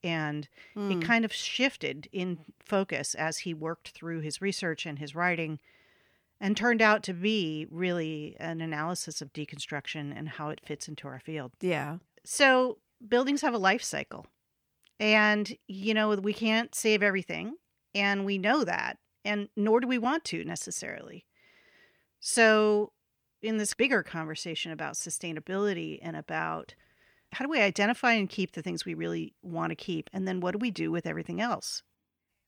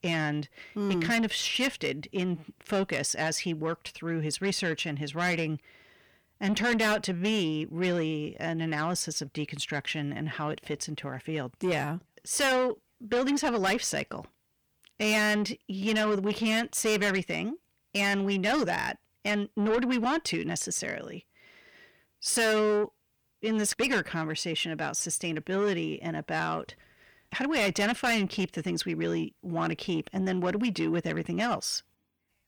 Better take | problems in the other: first | distortion; heavy; 7 dB below the speech

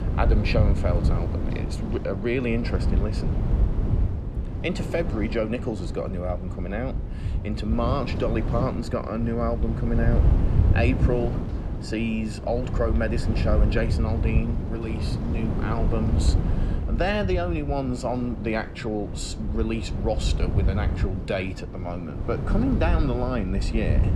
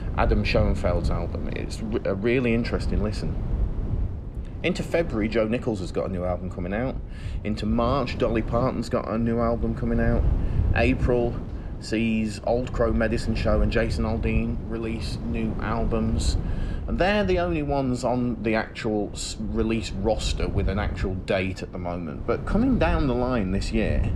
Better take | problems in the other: second | wind noise on the microphone; heavy; 7 dB below the speech; occasional gusts in the second

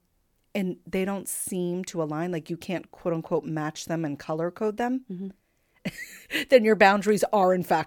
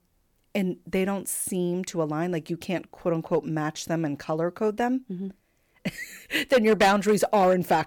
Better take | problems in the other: first | distortion; slight; 2% of the sound clipped

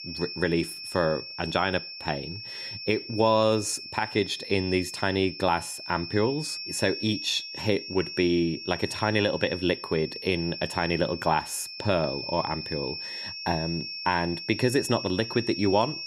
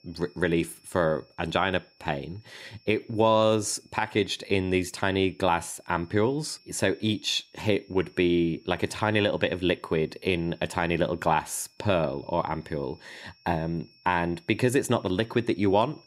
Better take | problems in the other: second | high-pitched whine; loud; throughout; 5.5 kHz, 8 dB below the speech; faint in the second

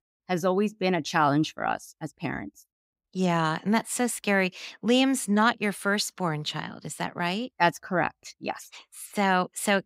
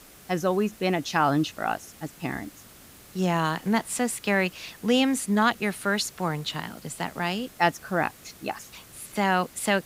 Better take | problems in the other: first | hiss; faint; throughout; 20 dB below the speech

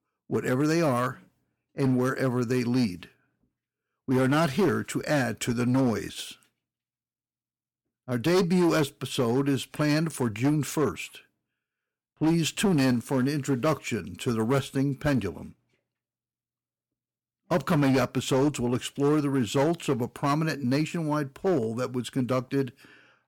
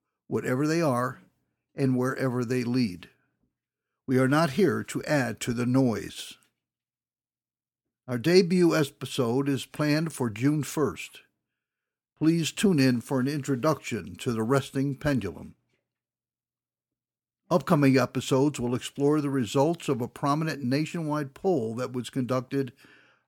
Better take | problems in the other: second | distortion; slight; 7% of the sound clipped

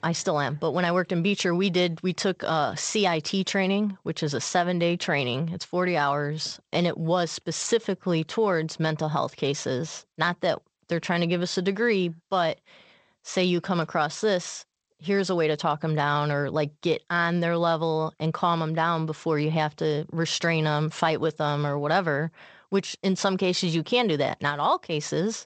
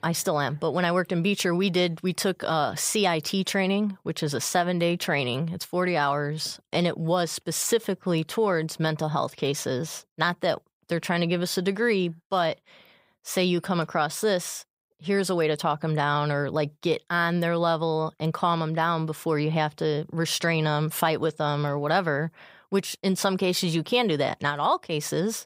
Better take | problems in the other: second | garbled, watery; slightly; nothing above 8 kHz

